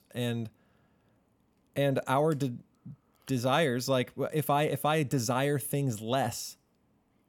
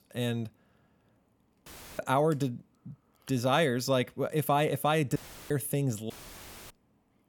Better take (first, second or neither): first